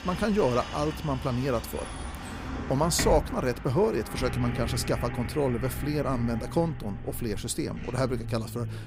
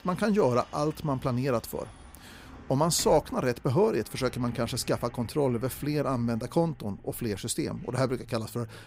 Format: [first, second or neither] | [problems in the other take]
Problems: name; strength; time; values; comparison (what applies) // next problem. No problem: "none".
second | traffic noise; loud; throughout; 8 dB below the speech; faint in the second